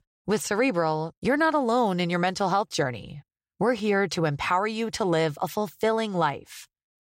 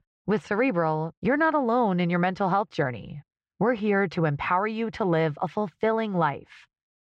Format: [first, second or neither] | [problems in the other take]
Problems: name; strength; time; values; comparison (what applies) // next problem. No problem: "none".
first | muffled; slightly; fading above 2 kHz